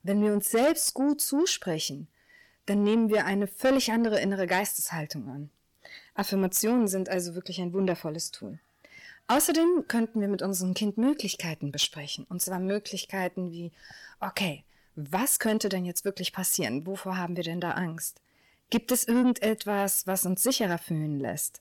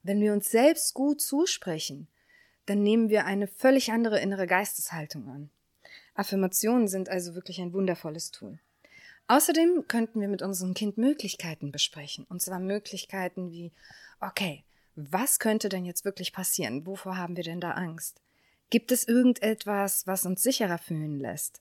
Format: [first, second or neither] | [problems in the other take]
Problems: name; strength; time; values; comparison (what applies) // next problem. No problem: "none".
second | distortion; slight; 10 dB below the speech